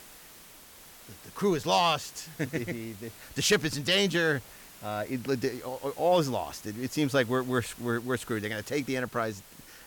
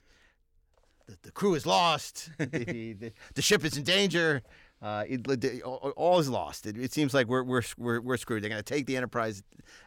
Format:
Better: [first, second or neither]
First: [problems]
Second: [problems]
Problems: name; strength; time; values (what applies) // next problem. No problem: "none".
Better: second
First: hiss; noticeable; throughout; 20 dB below the speech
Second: none